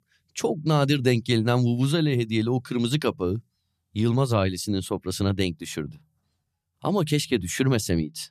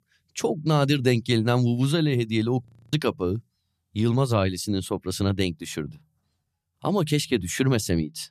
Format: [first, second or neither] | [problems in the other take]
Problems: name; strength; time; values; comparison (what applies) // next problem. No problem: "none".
first | audio freezing; at 2.5 s